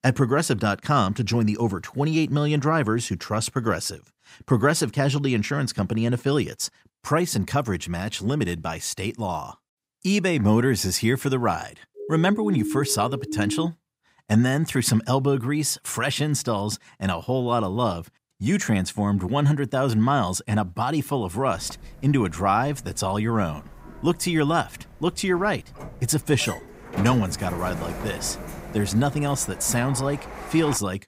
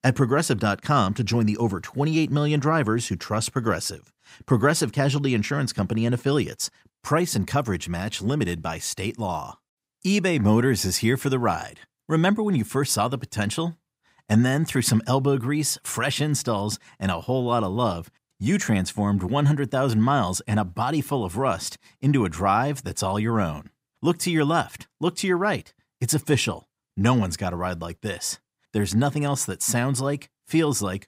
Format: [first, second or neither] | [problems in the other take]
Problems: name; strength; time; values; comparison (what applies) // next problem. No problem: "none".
second | siren; noticeable; from 12 to 14 s; peak 5 dB below the speech // door banging; noticeable; from 22 s on; peak 8 dB below the speech